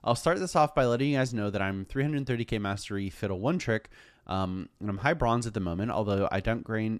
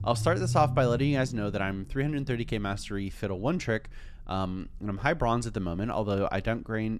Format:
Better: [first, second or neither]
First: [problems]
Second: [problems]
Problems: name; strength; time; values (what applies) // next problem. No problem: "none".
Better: first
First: none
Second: low rumble; noticeable; throughout; 15 dB below the speech